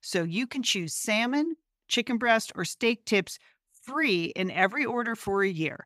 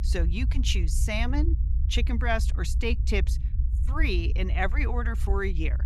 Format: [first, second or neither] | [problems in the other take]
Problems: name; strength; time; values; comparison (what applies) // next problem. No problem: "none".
first | low rumble; noticeable; throughout; 15 dB below the speech